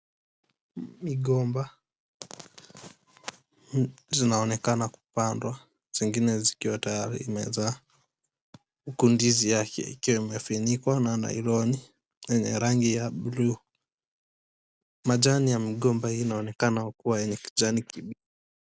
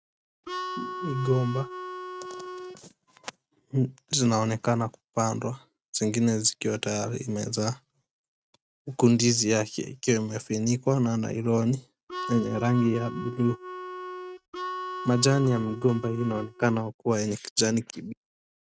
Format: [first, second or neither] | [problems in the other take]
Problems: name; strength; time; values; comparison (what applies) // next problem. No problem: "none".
first | noise reduction (neural mask model RNNoise)